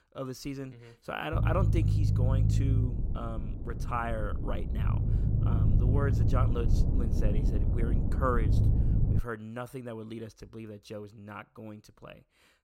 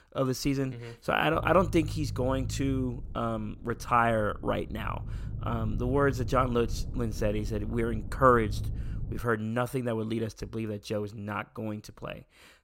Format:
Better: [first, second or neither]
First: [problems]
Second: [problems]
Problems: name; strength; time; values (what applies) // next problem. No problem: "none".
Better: second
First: low rumble; loud; from 1.5 to 9 s; 4 dB below the speech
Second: low rumble; faint; from 1.5 to 9 s; 20 dB below the speech